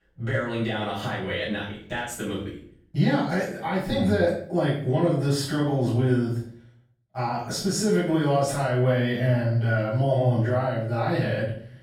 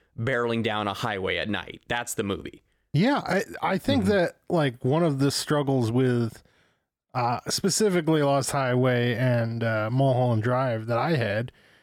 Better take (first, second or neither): second